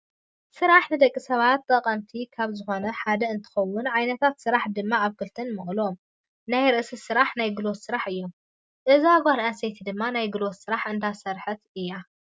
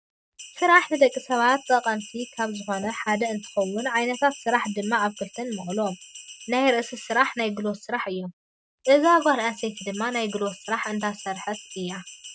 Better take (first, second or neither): first